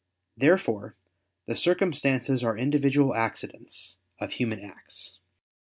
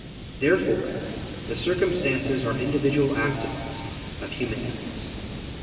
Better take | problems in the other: first | background sound (Hiss); 9 dB below the speech // room echo; dies away in 2.8 s

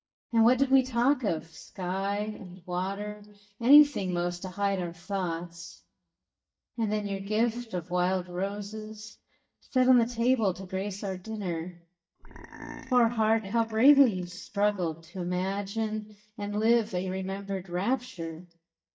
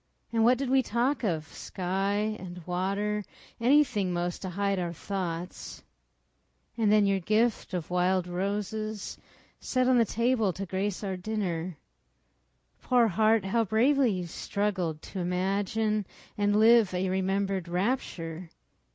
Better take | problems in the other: second | noise reduction (neural mask model DeepFilterNet 3)

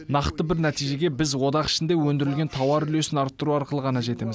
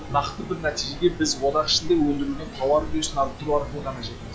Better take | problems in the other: first | noise reduction (classical method log-MMSE)

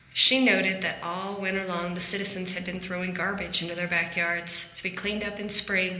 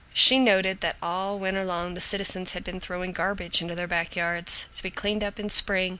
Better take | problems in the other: second | room echo; dies away in 1 s

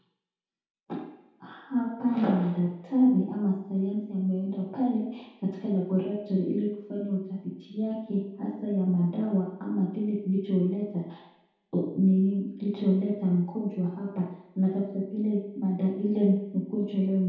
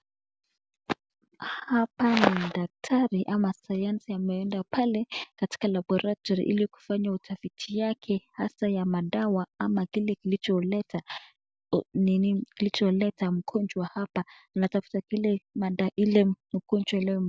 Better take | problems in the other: second | room echo; dies away in 0.8 s

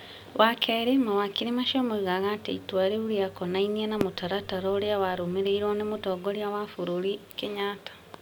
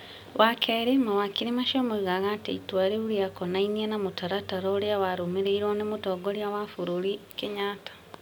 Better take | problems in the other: second | background sound (Fireworks); 13 dB below the speech

